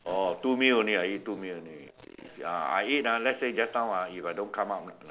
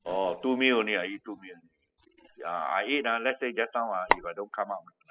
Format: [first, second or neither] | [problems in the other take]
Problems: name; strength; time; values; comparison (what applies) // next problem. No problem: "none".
first | noise reduction (classical method spectral subtraction)